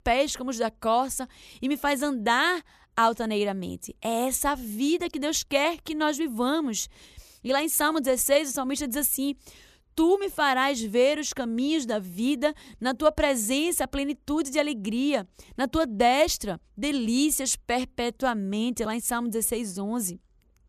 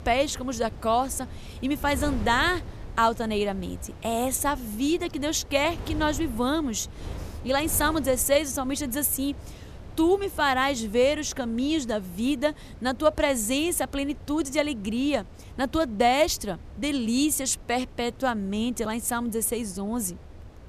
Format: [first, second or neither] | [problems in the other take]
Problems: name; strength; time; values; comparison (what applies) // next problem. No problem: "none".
first | wind noise on the microphone; occasional gusts; 20 dB below the speech